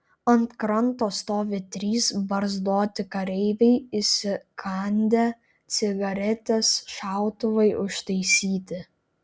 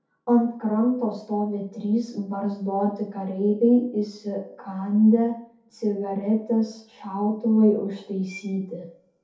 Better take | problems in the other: first | room echo; dies away in 0.5 s

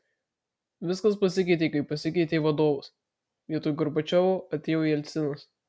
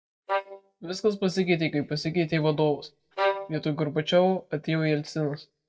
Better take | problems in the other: first | noise reduction (neural mask model DeepFilterNet 3)

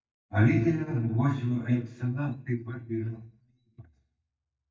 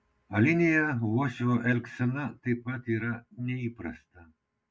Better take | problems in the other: second | noise reduction (neural mask model DeepFilterNet 3)

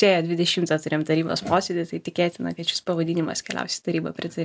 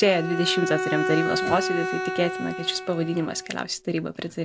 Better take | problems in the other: first | background sound (Bowed string instrument); 4 dB below the speech

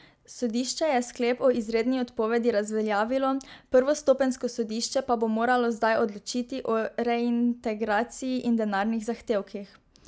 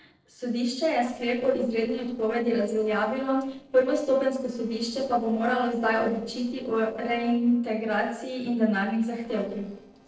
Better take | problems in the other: first | noise reduction (neural separator model SepFormer DNS4)

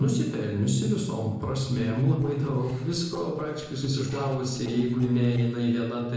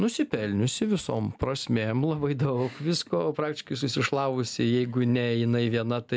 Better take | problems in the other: second | noise reduction (neural separator model SepFormer DNS4)

